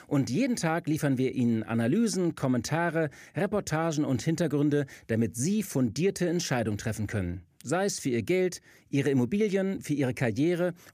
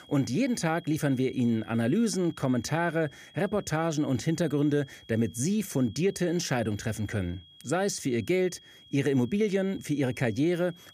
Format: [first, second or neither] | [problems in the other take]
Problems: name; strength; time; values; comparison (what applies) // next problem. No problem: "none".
first | high-pitched whine; faint; throughout; 3.5 kHz, 25 dB below the speech